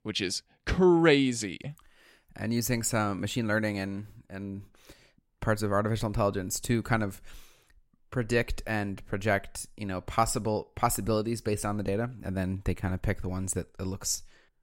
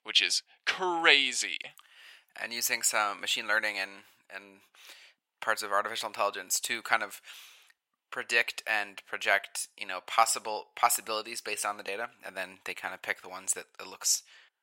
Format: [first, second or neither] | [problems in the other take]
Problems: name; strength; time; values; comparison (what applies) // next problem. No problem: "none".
first | thin; very; fading below 900 Hz